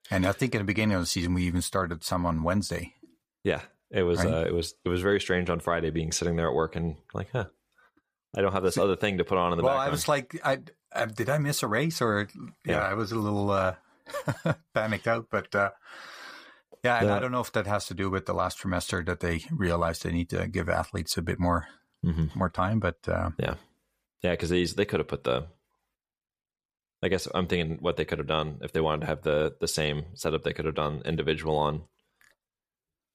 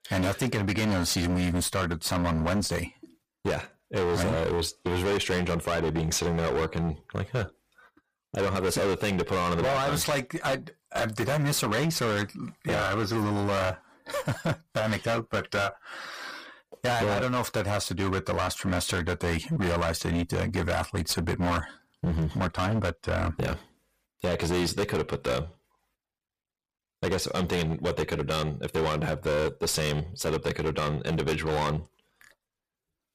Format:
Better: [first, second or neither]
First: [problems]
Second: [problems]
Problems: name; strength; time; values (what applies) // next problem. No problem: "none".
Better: first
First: none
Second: distortion; heavy; 22% of the sound clipped